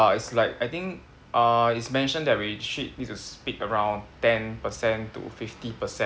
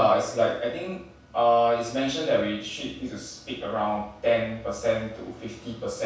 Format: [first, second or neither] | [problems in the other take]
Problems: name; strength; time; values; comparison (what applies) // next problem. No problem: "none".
first | room echo; dies away in 0.7 s